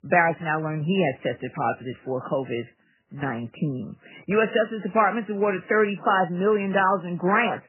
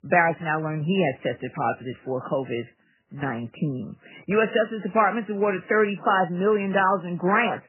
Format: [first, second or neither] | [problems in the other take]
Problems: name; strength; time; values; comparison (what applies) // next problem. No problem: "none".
neither | garbled, watery; badly; nothing above 3 kHz; the same in both